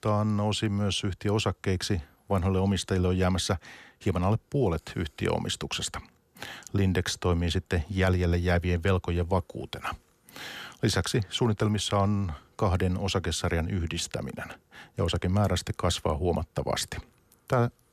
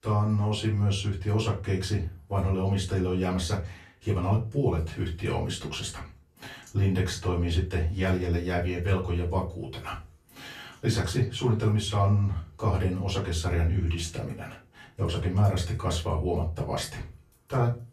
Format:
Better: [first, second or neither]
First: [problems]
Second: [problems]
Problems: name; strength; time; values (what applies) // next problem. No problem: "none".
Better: first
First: none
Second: off-mic speech; far // room echo; slight; dies away in 0.3 s